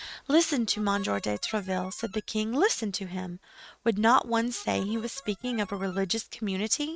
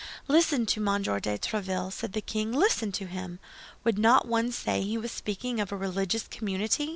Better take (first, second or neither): second